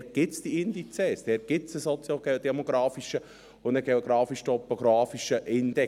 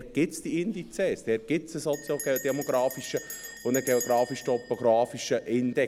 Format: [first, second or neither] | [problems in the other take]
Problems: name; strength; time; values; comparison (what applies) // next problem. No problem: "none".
first | background sound (Bell); 15 dB below the speech